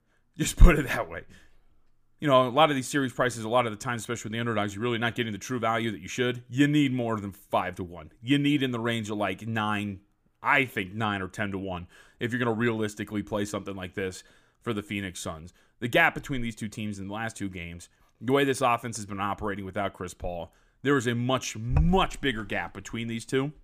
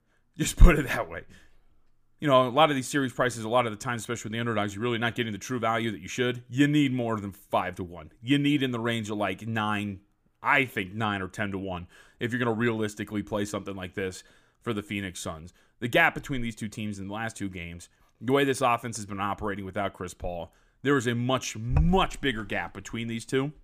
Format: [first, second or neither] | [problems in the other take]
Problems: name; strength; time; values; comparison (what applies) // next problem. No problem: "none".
neither | none